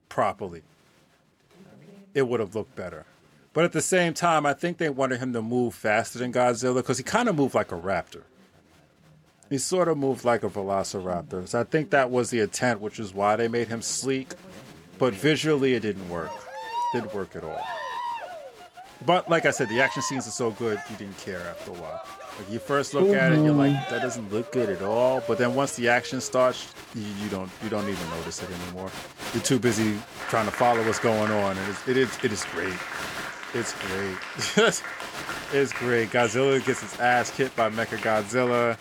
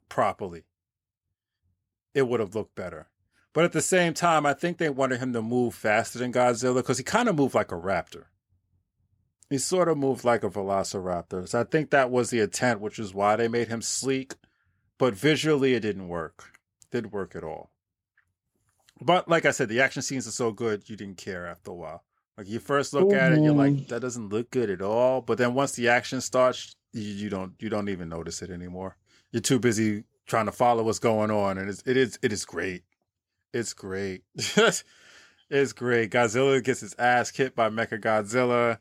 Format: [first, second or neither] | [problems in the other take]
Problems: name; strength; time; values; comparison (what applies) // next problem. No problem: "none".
second | crowd noise; noticeable; throughout; 10 dB below the speech